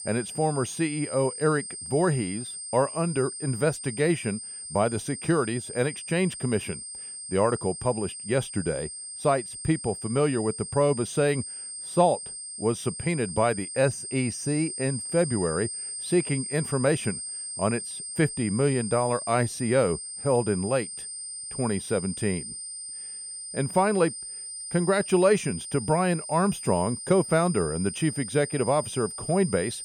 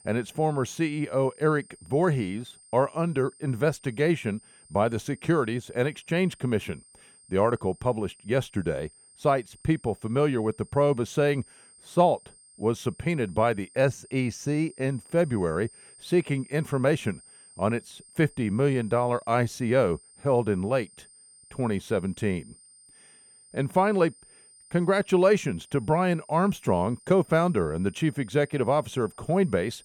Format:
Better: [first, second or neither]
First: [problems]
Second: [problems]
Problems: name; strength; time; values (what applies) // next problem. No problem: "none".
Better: second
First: high-pitched whine; loud; throughout; 8.5 kHz, 8 dB below the speech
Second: high-pitched whine; faint; throughout; 8.5 kHz, 25 dB below the speech